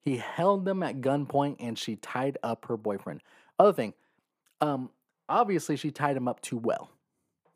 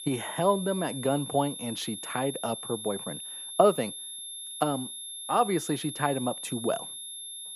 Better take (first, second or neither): first